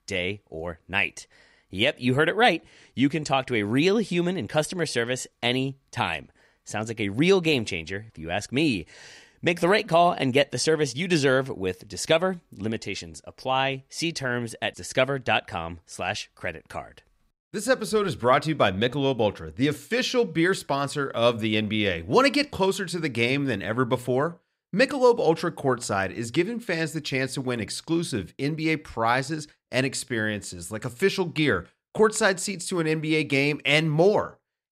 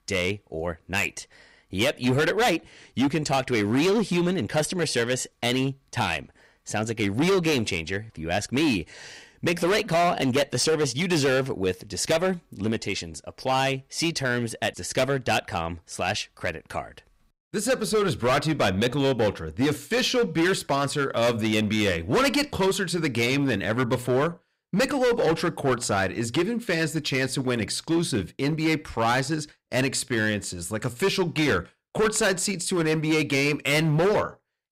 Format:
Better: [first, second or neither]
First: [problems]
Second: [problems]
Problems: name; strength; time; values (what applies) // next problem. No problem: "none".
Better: first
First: none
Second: distortion; heavy; 11% of the sound clipped